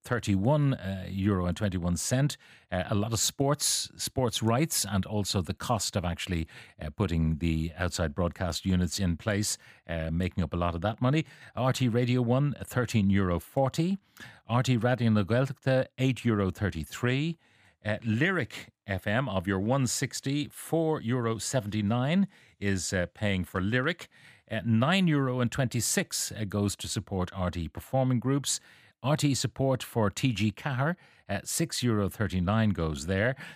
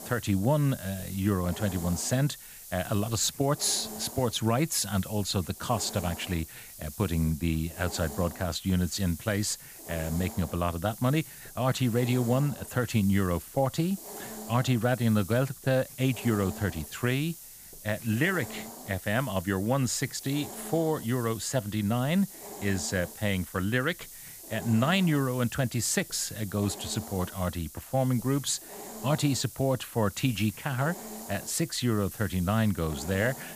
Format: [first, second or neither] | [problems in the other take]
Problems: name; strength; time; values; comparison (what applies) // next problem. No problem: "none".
first | hiss; noticeable; throughout; 15 dB below the speech